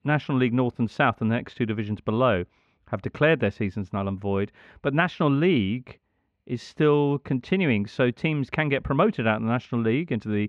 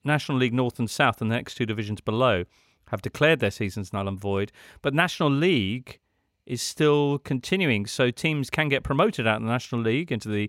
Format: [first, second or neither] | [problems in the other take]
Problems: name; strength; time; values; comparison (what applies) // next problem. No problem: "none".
second | muffled; slightly; fading above 2.5 kHz